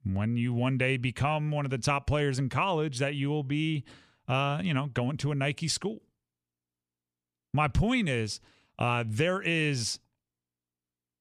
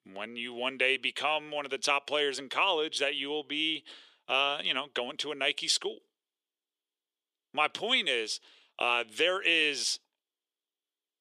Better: first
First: none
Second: thin; very; fading below 350 Hz

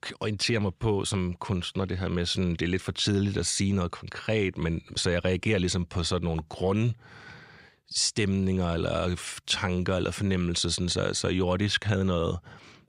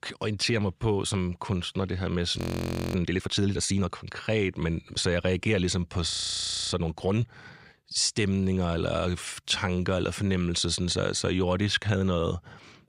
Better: first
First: none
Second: audio freezing; at 2.5 s for 0.5 s and at 6 s for 0.5 s

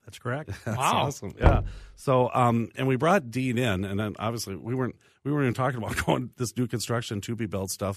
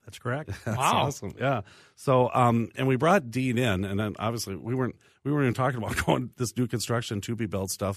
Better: second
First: door banging; loud; at 1.5 s; peak 3 dB above the speech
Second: none

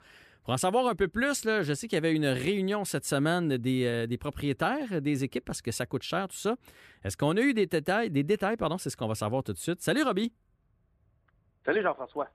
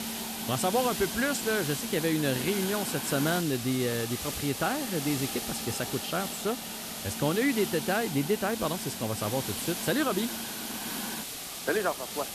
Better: first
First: none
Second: hiss; loud; throughout; 4 dB below the speech

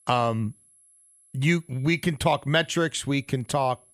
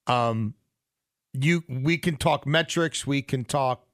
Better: second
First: high-pitched whine; faint; throughout; 11 kHz, 30 dB below the speech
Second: none

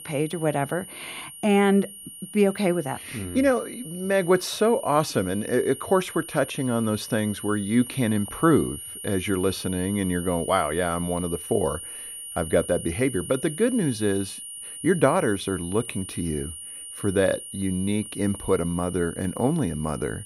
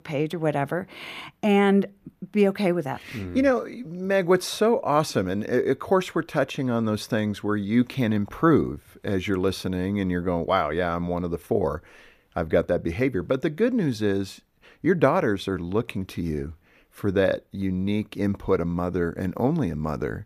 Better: second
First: high-pitched whine; noticeable; throughout; 9.5 kHz, 10 dB below the speech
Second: none

